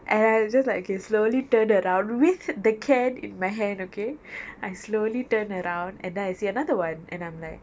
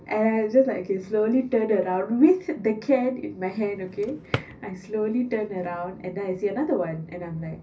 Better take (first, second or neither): first